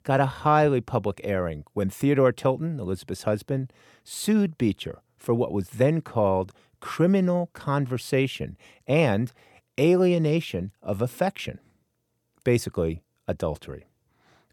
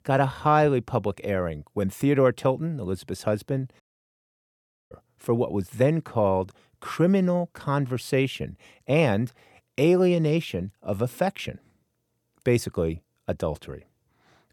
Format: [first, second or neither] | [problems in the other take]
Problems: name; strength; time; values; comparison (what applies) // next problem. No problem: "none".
first | audio cutting out; at 4 s for 1 s